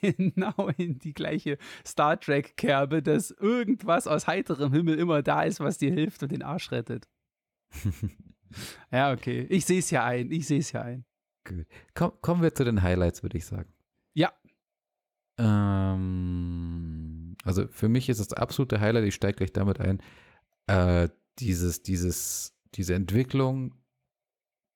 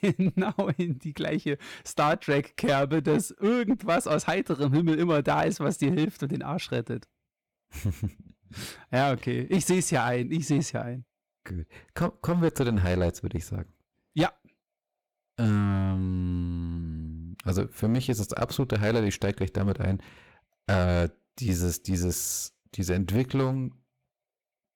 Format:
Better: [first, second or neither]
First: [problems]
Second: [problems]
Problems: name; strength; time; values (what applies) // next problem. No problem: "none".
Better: first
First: none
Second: distortion; slight; 5% of the sound clipped